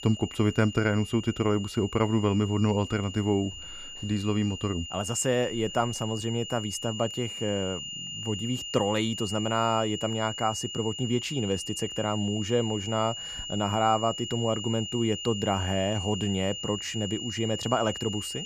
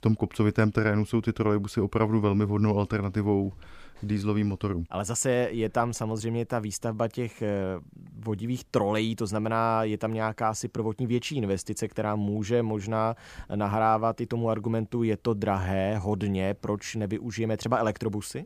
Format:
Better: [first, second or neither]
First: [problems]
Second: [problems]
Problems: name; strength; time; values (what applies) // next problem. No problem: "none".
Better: second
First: high-pitched whine; loud; throughout; 3 kHz, 7 dB below the speech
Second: none